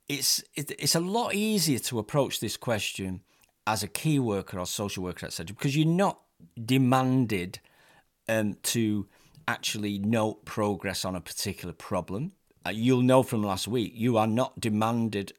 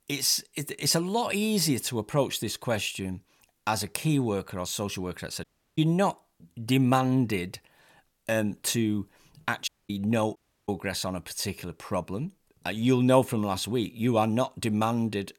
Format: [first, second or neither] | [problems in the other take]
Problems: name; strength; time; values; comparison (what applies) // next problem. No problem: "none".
first | audio cutting out; at 5.5 s, at 9.5 s and at 10 s